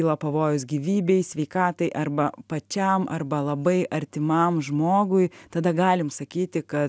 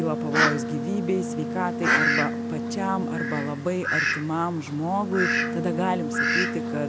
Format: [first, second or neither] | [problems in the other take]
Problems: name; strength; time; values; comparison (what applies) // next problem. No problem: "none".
first | background sound (Brass instrument + Fowl); 2 dB above the speech